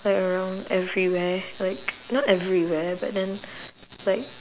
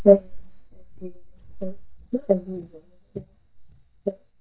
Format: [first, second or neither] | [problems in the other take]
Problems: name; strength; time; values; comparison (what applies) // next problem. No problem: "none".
first | noise reduction (neural mask model DeepFilterNet 3)